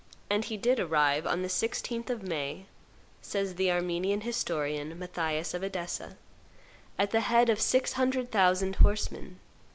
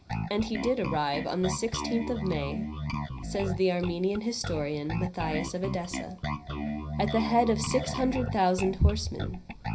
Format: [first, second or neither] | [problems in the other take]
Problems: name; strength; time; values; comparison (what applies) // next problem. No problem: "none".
first | background sound (Bass guitar); 5 dB below the speech // room echo; dies away in 0.4 s